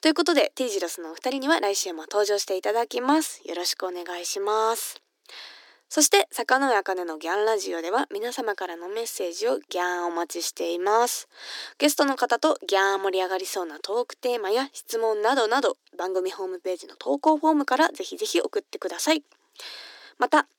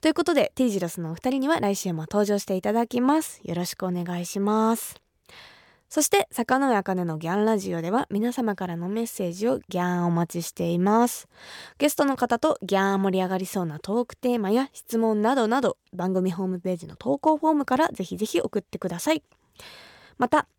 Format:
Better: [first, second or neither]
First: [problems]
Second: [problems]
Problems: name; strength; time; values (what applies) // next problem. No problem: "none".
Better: second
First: thin; somewhat; fading below 300 Hz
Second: none